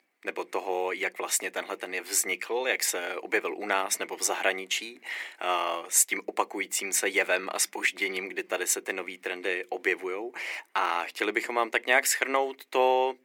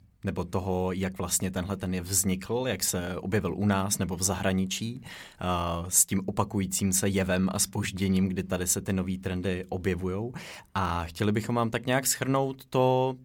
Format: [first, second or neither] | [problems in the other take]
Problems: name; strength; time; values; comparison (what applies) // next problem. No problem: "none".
second | thin; very; fading below 300 Hz